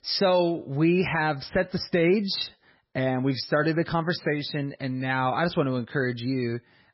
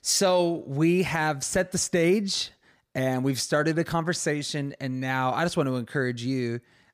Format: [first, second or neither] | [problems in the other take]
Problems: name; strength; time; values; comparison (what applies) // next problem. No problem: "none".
second | garbled, watery; badly; nothing above 5.5 kHz